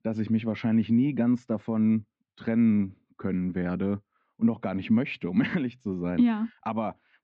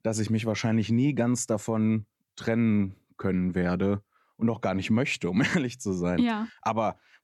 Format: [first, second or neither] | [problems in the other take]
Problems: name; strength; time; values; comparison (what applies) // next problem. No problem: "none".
second | muffled; very; fading above 3.5 kHz